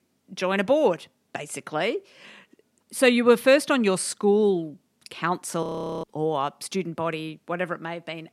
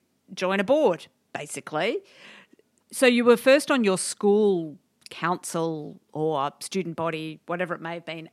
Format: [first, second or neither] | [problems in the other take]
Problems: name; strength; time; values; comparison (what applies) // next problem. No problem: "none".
second | audio freezing; at 5.5 s